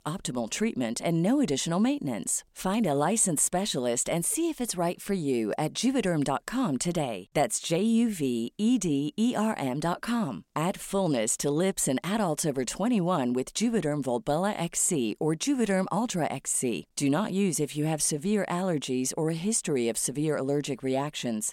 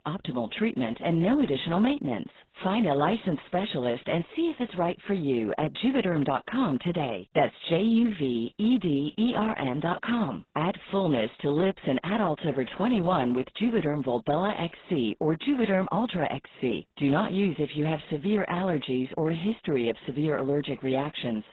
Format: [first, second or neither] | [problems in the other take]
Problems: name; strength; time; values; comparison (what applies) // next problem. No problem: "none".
first | garbled, watery; badly; nothing above 4 kHz